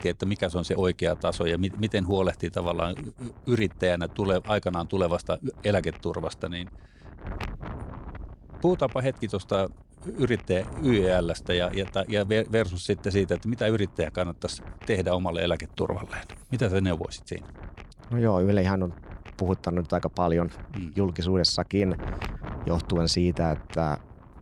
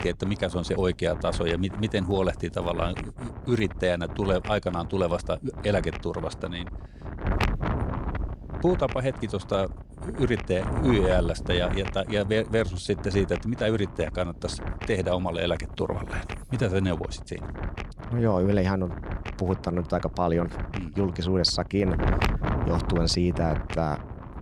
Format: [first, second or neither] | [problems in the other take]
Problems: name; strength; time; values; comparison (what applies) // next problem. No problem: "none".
first | wind noise on the microphone; heavy; 10 dB below the speech; occasional gusts in the first